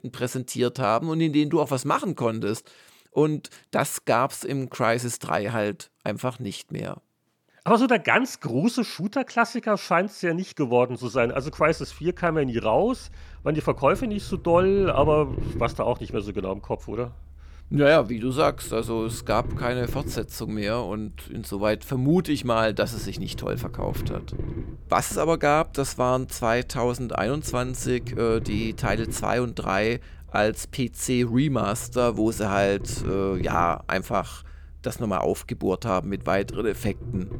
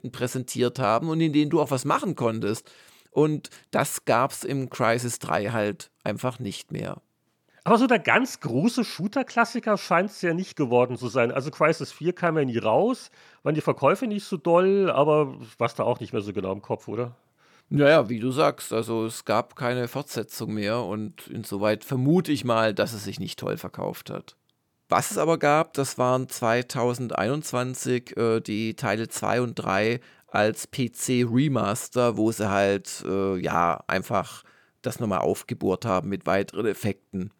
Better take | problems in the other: second | low rumble; noticeable; from 11 s on; 20 dB below the speech

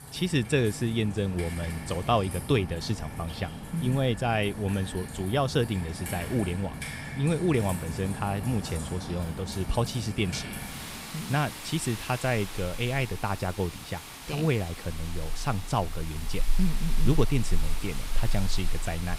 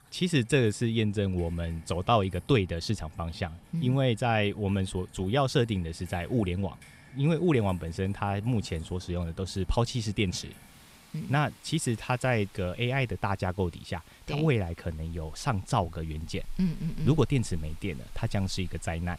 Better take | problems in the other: second | rain or running water; loud; throughout; 8 dB below the speech; faint in the second

